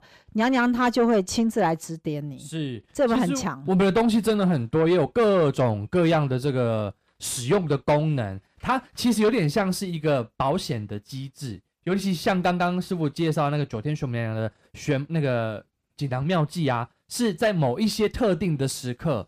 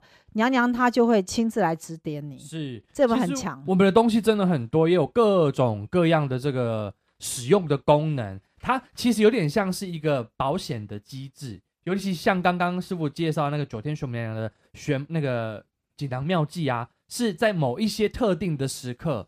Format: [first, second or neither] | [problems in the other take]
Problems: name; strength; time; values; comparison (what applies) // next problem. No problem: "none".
second | distortion; slight; 10 dB below the speech